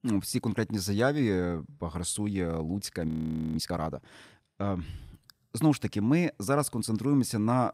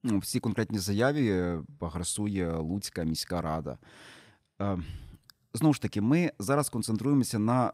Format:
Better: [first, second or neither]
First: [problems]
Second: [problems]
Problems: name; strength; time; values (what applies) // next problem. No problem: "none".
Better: second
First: audio freezing; at 3 s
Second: none